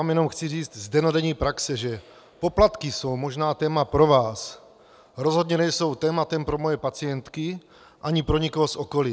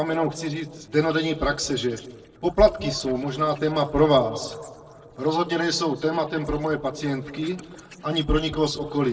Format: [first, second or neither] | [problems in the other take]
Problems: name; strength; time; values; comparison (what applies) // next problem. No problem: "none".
first | noise reduction (neural separator model SepFormer DNS4)